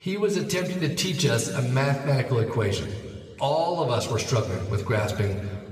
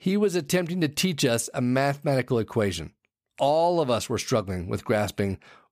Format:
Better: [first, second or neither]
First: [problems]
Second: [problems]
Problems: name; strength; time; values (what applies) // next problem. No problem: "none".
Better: second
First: room echo; slight; dies away in 1.8 s // off-mic speech; somewhat distant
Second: none